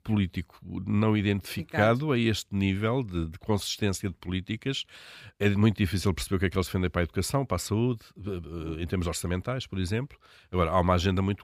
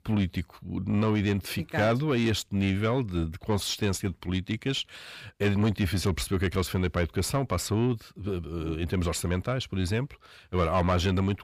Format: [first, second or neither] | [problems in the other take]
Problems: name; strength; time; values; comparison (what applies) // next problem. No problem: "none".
first | distortion; slight; 10 dB below the speech